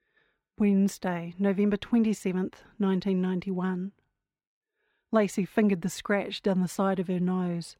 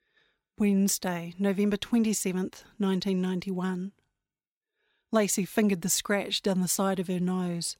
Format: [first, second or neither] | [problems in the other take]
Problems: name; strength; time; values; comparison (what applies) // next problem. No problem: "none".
second | muffled; slightly; fading above 3.5 kHz